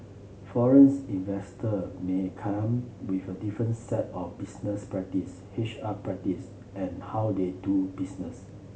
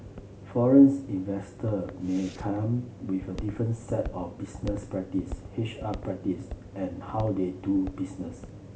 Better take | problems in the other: first | background sound (Walk, footsteps); 15 dB below the speech

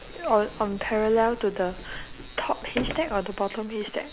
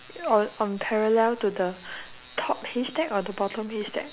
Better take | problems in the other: second | background sound (Sliding door); 13 dB below the speech

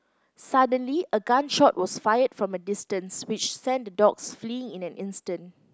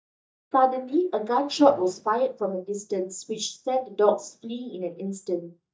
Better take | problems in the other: first | noise reduction (neural mask model DeepFilterNet 3)

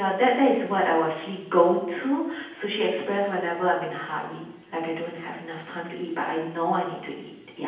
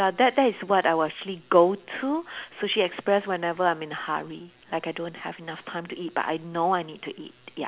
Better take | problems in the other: second | room echo; dies away in 0.9 s

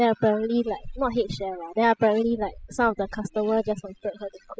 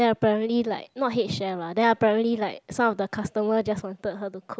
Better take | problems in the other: second | noise reduction (classical method spectral subtraction)

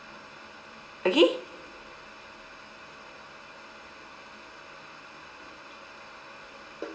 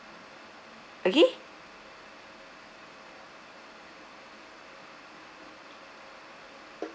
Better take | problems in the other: second | room echo; dies away in 1.2 s

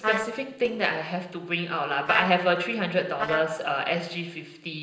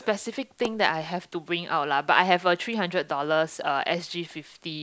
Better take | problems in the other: second | noise reduction (neural separator model SepFormer DNS4)

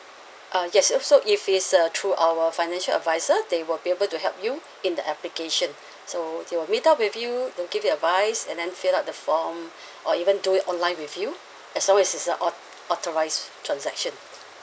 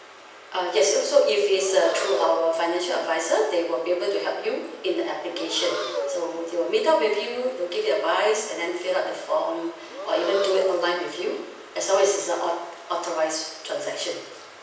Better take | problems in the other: first | background sound (Breathing); 11 dB below the speech // room echo; dies away in 0.9 s

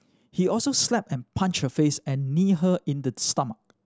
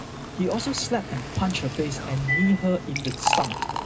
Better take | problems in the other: first | background sound (Liquid); 3 dB below the speech // room echo; dies away in 0.2 s

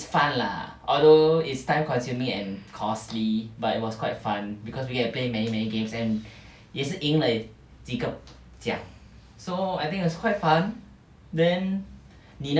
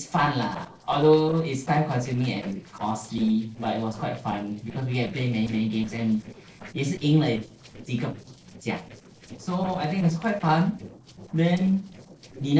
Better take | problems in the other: first | noise reduction (neural separator model SepFormer DNS4)

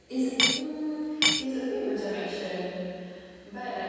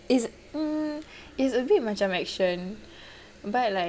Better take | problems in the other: second | background sound (Cutlery, silverware / Dishes, pots, and pans); 5 dB above the speech // room echo; dies away in 2.1 s

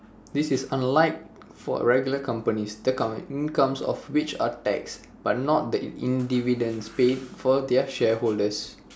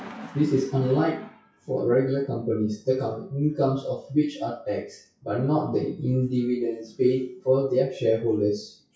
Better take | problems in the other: first | noise reduction (classical method WPE with log-MMSE)

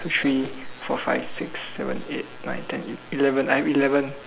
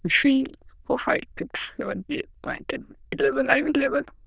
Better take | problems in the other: first | noise reduction (neural diffusion model UNIVERSE++)

